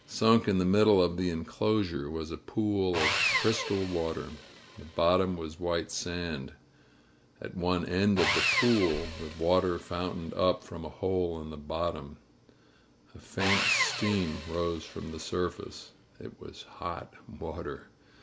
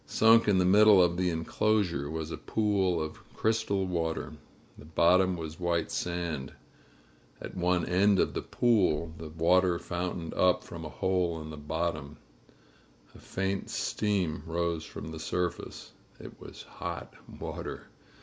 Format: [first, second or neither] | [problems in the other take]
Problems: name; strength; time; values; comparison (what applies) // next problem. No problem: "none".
second | background sound (Sawing); 7 dB below the speech